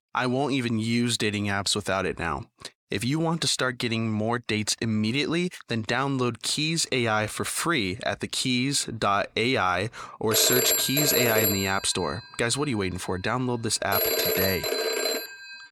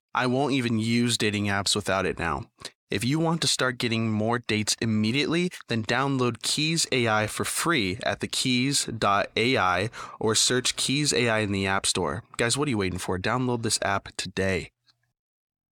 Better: second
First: phone ringing; loud; from 10 s on; peak 5 dB above the speech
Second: none

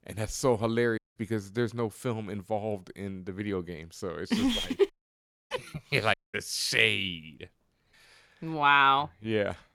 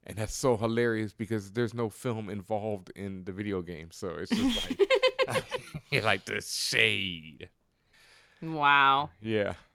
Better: second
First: audio cutting out; at 1 s, at 5 s for 0.5 s and at 6 s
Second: none

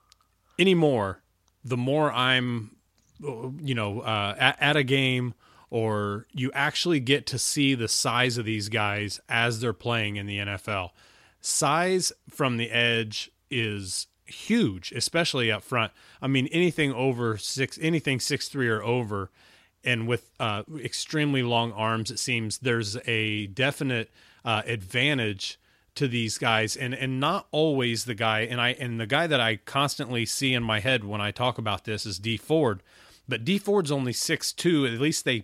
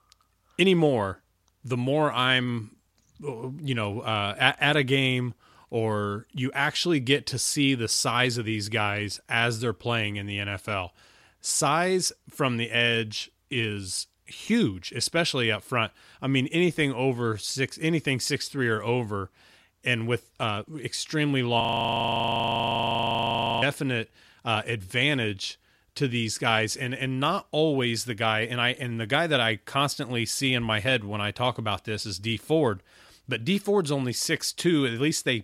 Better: first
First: none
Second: audio freezing; at 22 s for 2 s

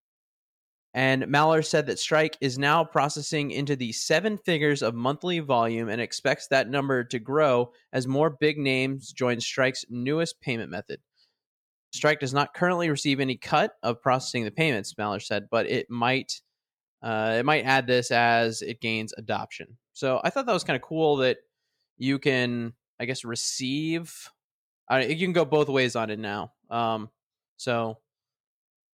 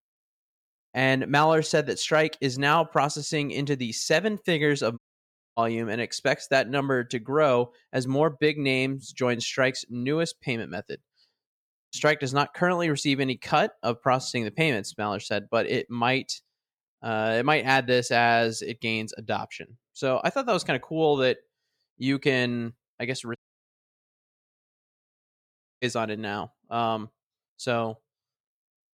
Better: first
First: none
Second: audio cutting out; at 5 s for 0.5 s and at 23 s for 2.5 s

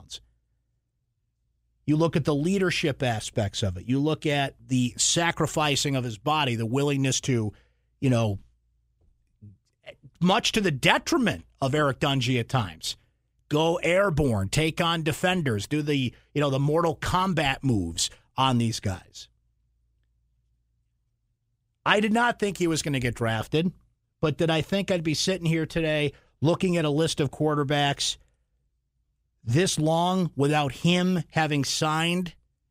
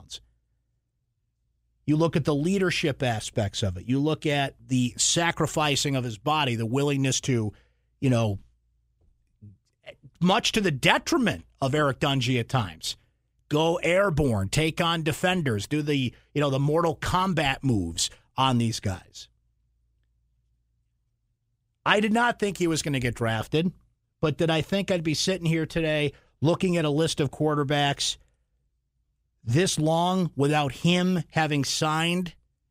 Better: neither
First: none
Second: none

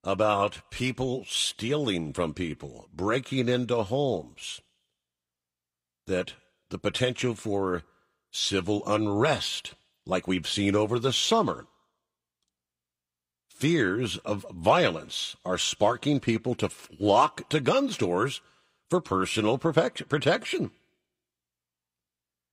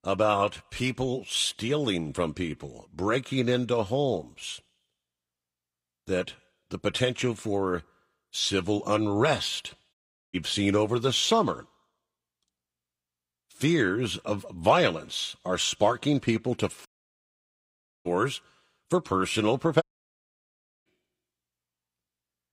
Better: first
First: none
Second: audio cutting out; at 10 s, at 17 s for 1 s and at 20 s for 1 s

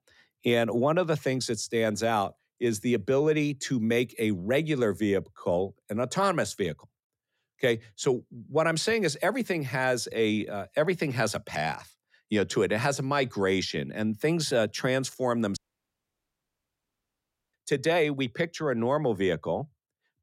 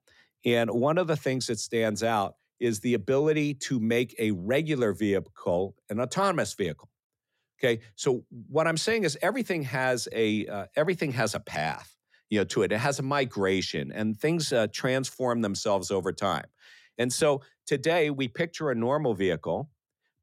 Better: second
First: audio cutting out; at 16 s for 2 s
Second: none

